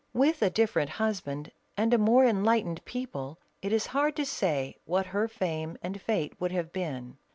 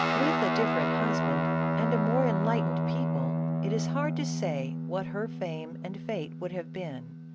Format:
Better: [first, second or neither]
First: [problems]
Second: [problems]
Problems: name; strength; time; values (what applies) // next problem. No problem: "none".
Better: first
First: none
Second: background sound (Guitar); 4 dB above the speech